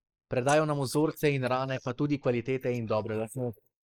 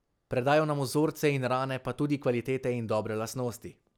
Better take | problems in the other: second | noise reduction (neural mask model Resemble Enhance denoiser)

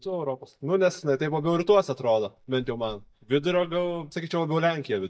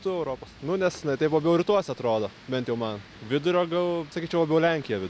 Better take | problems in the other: second | noise reduction (neural mask model DeepFilterNet 3)

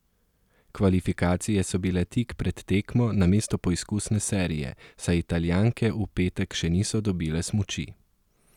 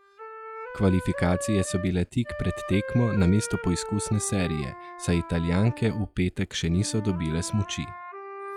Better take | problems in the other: first | noise reduction (classical method log-MMSE)

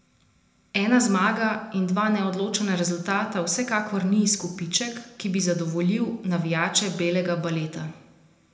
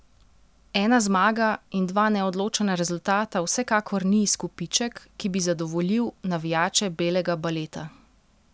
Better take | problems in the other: second | room echo; dies away in 0.8 s

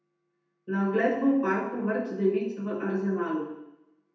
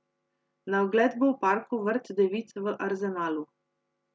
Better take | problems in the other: second | room echo; dies away in 0.8 s

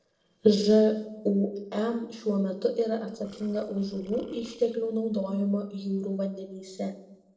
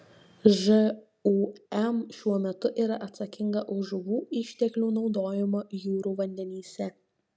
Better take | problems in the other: second | noise reduction (neural separator model SepFormer DNS4)

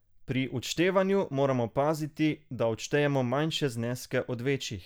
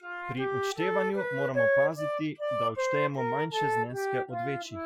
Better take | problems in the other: first | noise reduction (classical method Wiener filter)

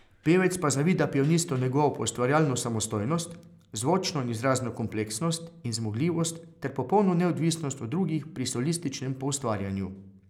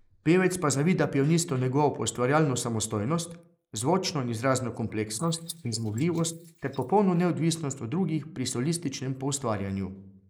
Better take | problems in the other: first | noise reduction (neural mask model Resemble Enhance denoiser)

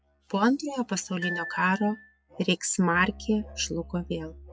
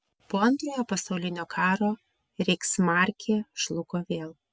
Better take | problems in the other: second | noise reduction (classical method log-MMSE)

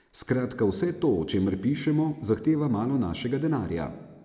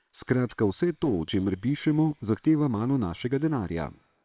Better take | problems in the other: first | noise reduction (neural separator model SepFormer WHAM!)

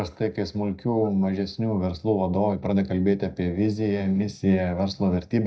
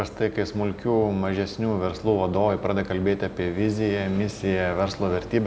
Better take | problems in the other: second | noise reduction (neural mask model DeepFilterNet 3)

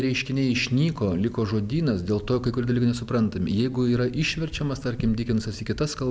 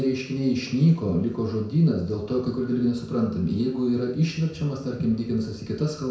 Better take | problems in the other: first | room echo; dies away in 0.6 s

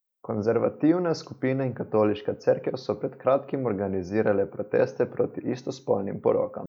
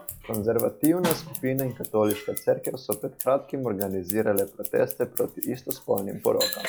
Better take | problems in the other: first | noise reduction (classical method log-MMSE)

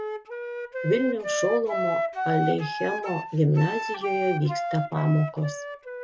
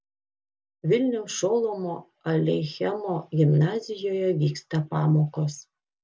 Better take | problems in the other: second | background sound (Wind instrument, woodwind instrument); 4 dB below the speech

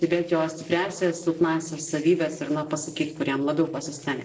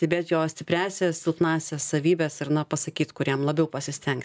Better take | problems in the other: second | noise reduction (neural separator model SepFormer DNS4)

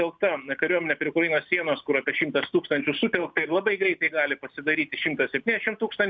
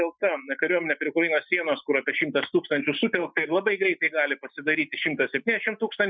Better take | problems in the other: first | noise reduction (classical method Wiener filter)

